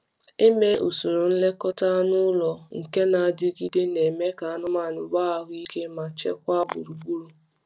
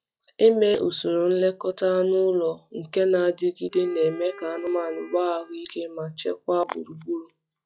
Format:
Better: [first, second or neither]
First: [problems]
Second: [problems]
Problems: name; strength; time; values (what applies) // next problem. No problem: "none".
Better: first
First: none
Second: noise reduction (classical method log-MMSE)